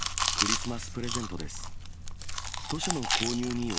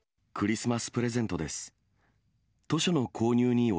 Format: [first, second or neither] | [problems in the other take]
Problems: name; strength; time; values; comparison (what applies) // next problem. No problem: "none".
second | background sound (Chewing, mastication); 4 dB above the speech